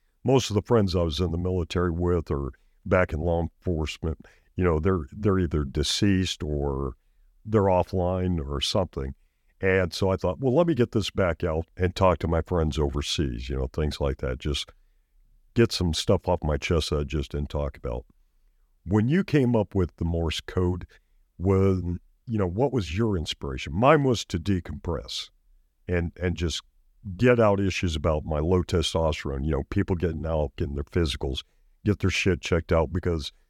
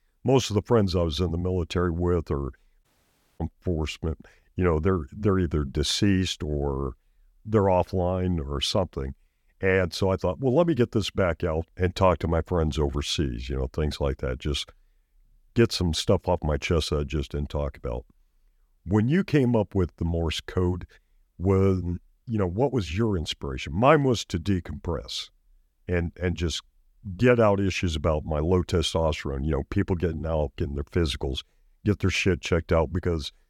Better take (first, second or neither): first